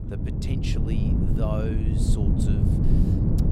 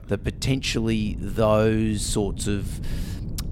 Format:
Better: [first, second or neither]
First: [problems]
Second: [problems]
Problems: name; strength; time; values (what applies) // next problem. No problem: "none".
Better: second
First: wind noise on the microphone; heavy; 3 dB above the speech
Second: wind noise on the microphone; occasional gusts; 20 dB below the speech